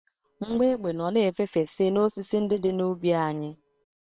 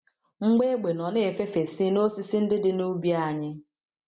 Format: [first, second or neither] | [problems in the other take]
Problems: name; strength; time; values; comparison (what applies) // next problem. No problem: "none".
second | noise reduction (neural separator model SepFormer WHAM!)